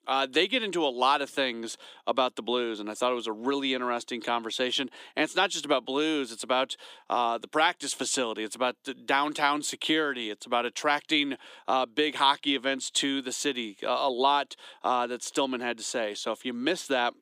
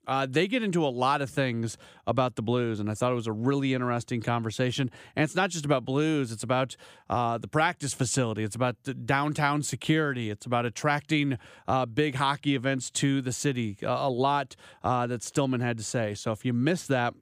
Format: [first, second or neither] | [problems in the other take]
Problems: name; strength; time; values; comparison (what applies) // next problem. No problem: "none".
second | thin; somewhat; fading below 300 Hz